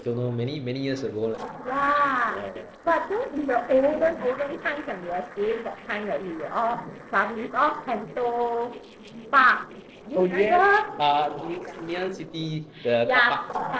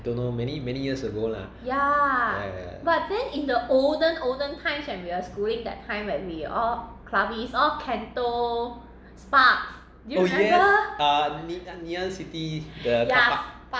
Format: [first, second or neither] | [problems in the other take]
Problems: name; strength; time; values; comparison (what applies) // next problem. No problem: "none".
second | noise reduction (neural separator model SepFormer DNS4)